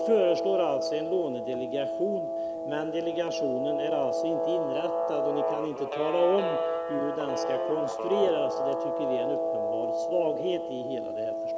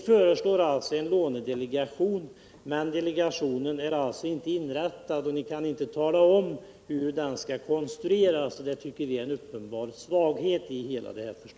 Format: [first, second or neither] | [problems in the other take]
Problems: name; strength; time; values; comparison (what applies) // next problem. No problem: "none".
second | background sound (Guitar); 1 dB above the speech